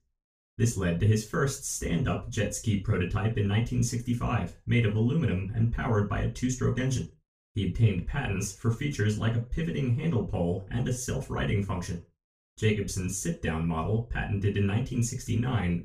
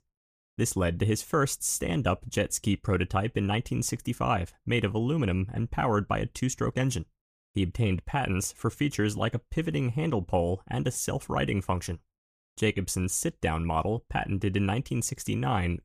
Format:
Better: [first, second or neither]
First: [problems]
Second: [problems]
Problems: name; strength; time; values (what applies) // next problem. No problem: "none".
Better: second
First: room echo; slight; dies away in 0.2 s // off-mic speech; far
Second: none